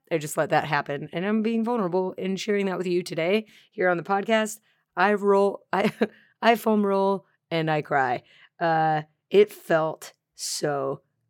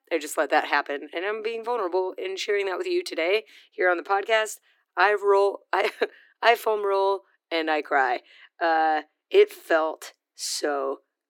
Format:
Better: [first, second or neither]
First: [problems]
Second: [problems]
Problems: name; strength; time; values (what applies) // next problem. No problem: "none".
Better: first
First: none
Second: thin; very; fading below 300 Hz